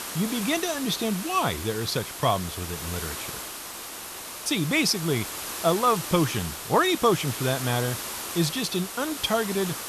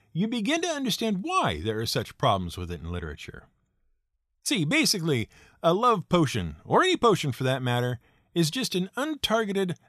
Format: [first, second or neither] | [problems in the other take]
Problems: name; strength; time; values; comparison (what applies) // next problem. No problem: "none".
second | hiss; loud; throughout; 7 dB below the speech